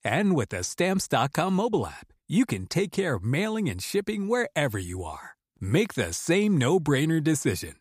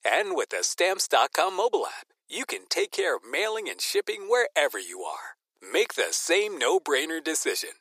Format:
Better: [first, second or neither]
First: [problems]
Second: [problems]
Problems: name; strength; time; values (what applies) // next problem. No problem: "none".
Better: first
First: none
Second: thin; very; fading below 400 Hz